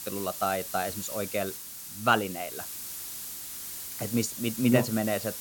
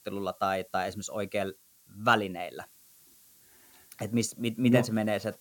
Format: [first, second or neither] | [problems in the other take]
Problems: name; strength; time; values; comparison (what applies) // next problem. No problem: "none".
second | hiss; loud; throughout; 7 dB below the speech; faint in the second